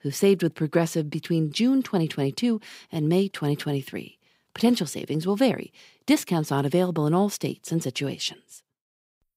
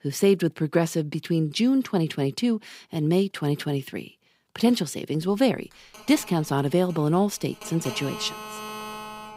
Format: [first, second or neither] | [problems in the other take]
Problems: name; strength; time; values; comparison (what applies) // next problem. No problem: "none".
first | phone ringing; faint; from 5.5 s on; peak 10 dB below the speech